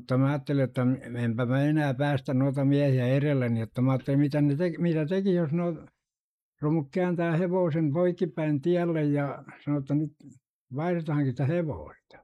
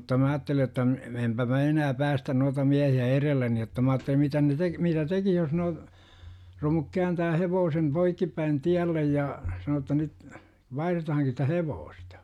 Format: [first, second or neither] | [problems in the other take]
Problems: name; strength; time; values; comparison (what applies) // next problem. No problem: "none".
second | noise reduction (neural mask model Resemble Enhance denoiser)